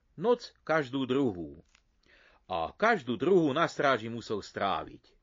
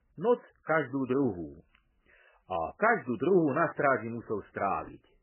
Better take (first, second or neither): first